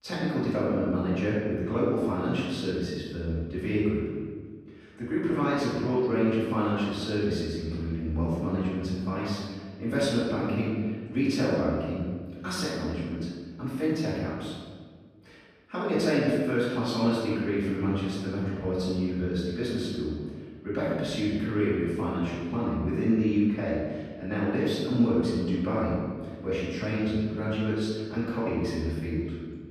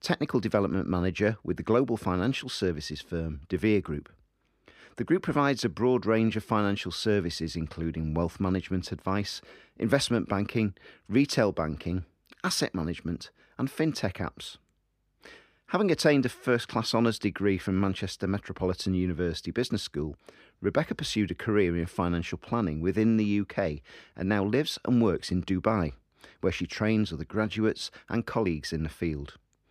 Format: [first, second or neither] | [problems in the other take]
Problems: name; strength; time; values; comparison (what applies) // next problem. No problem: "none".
second | off-mic speech; far // room echo; strong; dies away in 1.6 s